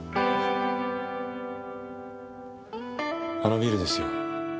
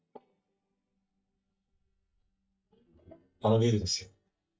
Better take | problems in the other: first | noise reduction (neural mask model DeepFilterNet 3)

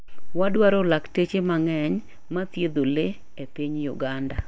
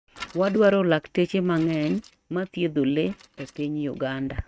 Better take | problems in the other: first | noise reduction (neural mask model RNNoise)

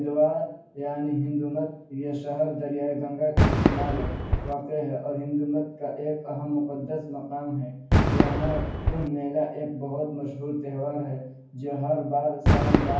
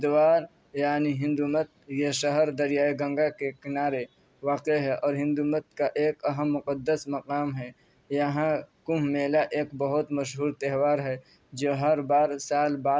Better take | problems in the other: second | background sound (Fireworks); as loud as the speech // room echo; dies away in 0.9 s

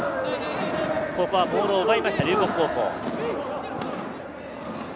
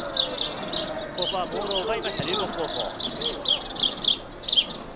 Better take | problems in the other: first | background sound (Bird vocalization, bird call, bird song); 2 dB above the speech

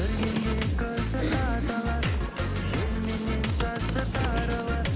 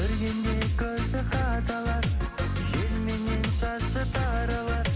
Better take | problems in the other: second | background sound (Computer keyboard); 8 dB below the speech

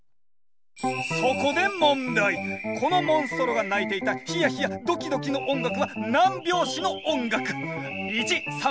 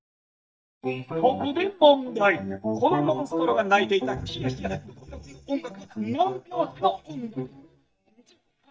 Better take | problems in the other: first | noise reduction (neural mask model DeepFilterNet 3)

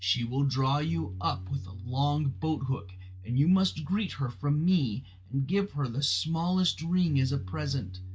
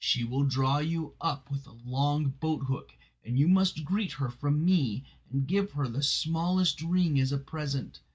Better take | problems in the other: second | background sound (Bass guitar); 13 dB below the speech

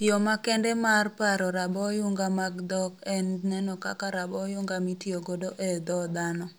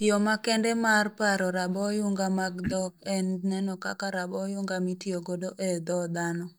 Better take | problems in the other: first | noise reduction (neural mask model DeepFilterNet 3)

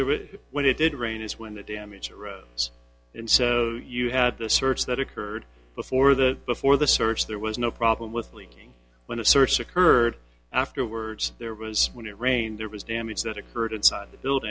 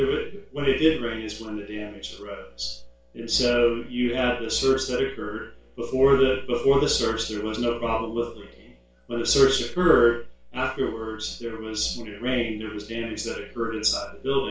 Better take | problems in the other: first | room echo; dies away in 0.3 s

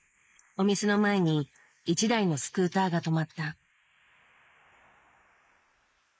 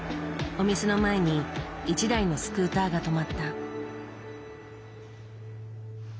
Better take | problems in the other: second | noise reduction (neural mask model Resemble Enhance denoiser)

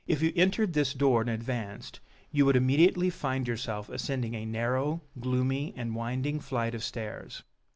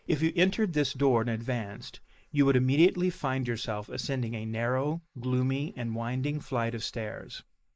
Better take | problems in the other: first | noise reduction (neural mask model Resemble Enhance denoiser)

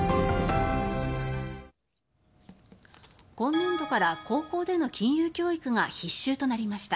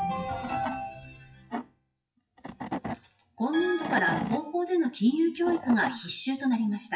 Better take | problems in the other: first | noise reduction (classical method WPE with log-MMSE)

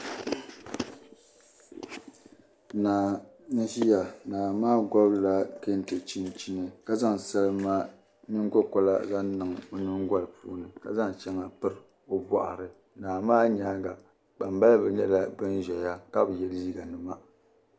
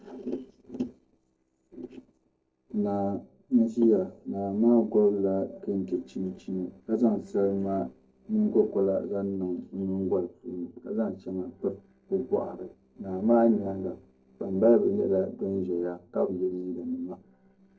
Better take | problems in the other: first | noise reduction (neural separator model SepFormer DNS4)

